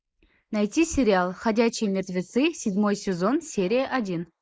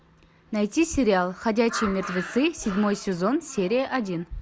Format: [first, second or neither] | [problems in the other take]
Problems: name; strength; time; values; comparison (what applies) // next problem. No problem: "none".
second | noise reduction (neural mask model Resemble Enhance denoiser)